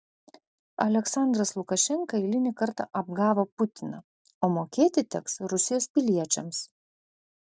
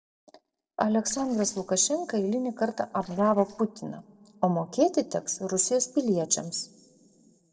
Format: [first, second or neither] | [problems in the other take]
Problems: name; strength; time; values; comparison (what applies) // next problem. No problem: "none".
first | noise reduction (neural separator model SepFormer DNS4)